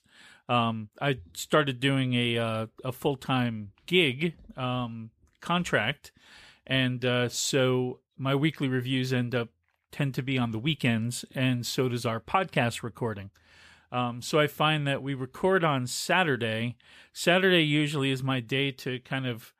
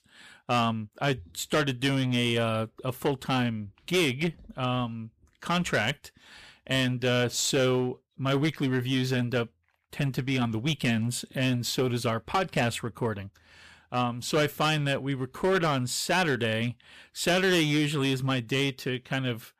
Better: first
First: none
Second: distortion; slight; 8% of the sound clipped

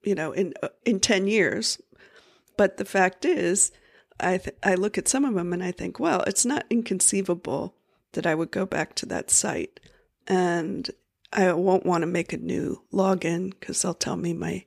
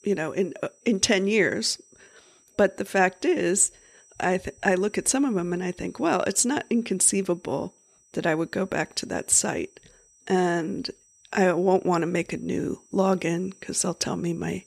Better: first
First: none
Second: high-pitched whine; faint; throughout; 6 kHz, 30 dB below the speech

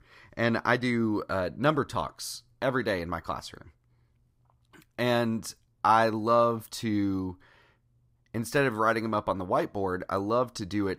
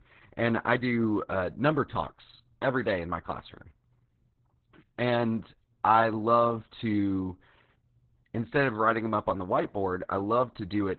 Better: first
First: none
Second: garbled, watery; badly; nothing above 4 kHz

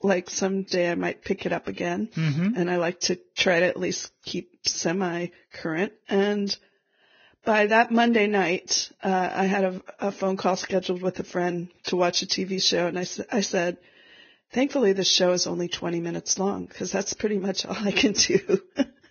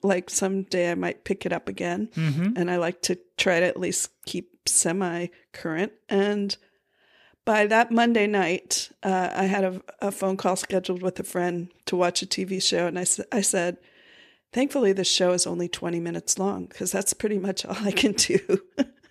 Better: second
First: garbled, watery; badly; nothing above 6.5 kHz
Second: none

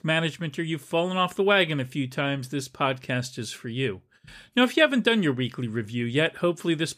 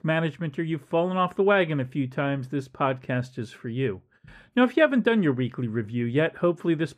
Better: first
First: none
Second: muffled; slightly; fading above 2.5 kHz

